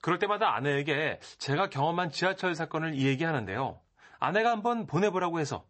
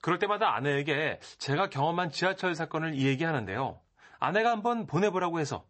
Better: neither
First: garbled, watery; slightly; nothing above 8 kHz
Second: garbled, watery; slightly; nothing above 8 kHz

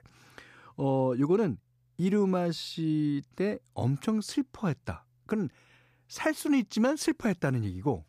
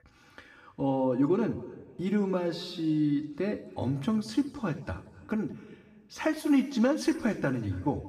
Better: first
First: none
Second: room echo; slight; dies away in 1.3 s // off-mic speech; somewhat distant

